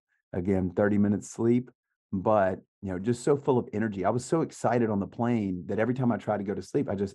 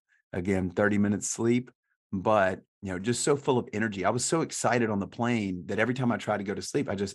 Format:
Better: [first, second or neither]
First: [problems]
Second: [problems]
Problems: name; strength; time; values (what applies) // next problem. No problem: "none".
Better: second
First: muffled; slightly; fading above 1.5 kHz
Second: none